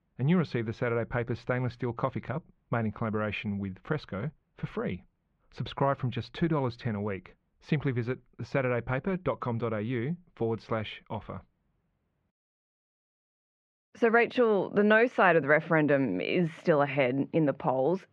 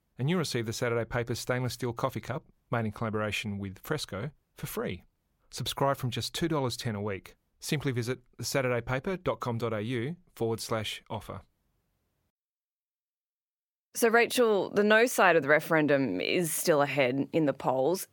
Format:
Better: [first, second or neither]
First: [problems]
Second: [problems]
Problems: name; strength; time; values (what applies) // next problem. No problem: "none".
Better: second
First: muffled; very; fading above 2.5 kHz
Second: none